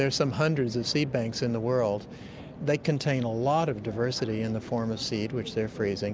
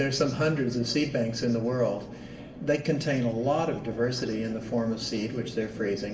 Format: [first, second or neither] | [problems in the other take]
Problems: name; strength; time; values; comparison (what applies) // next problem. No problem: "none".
first | room echo; dies away in 0.9 s